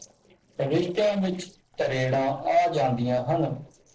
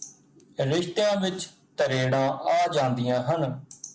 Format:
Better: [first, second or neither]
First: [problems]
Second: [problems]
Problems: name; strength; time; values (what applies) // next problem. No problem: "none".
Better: second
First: noise reduction (neural separator model SepFormer DNS4)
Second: none